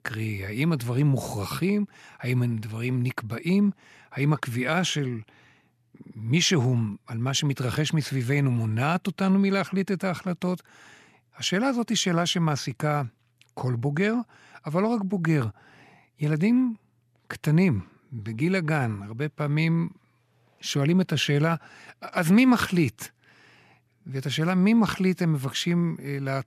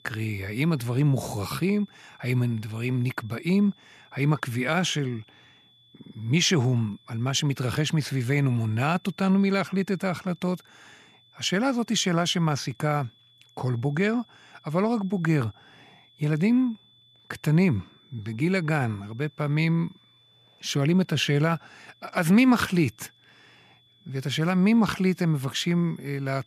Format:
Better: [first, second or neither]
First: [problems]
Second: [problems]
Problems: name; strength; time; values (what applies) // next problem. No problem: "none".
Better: first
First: none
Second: high-pitched whine; faint; throughout; 3.5 kHz, 30 dB below the speech